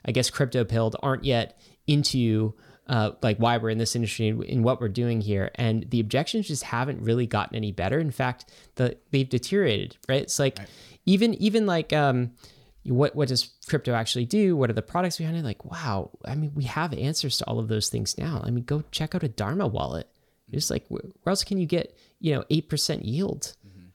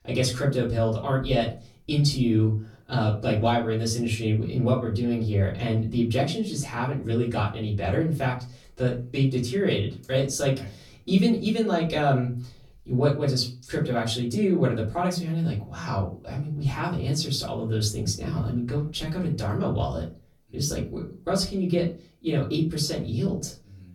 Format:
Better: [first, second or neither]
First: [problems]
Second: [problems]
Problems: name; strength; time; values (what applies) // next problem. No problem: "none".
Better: first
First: none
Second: off-mic speech; far // room echo; slight; dies away in 0.3 s